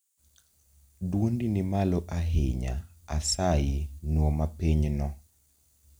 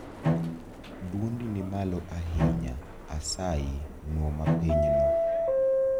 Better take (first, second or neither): first